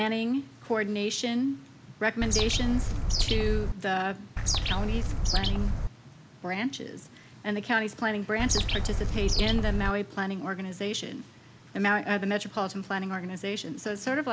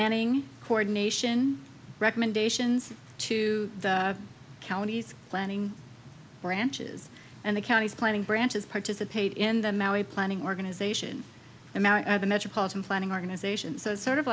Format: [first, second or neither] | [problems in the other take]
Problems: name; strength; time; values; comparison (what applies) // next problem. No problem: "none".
second | background sound (Bird); 4 dB above the speech